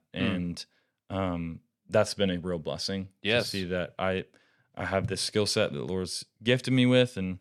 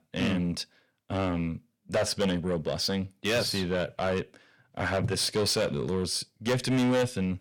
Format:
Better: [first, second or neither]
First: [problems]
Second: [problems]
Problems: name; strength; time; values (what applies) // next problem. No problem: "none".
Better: first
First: none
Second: distortion; heavy; 6 dB below the speech